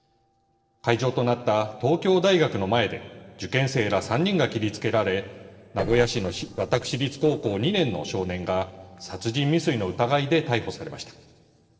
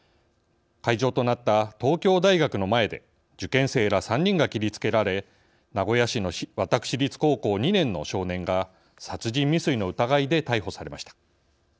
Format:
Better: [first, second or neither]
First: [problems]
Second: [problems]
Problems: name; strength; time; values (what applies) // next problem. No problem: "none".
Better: second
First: noise reduction (neural separator model SepFormer DNS4)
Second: none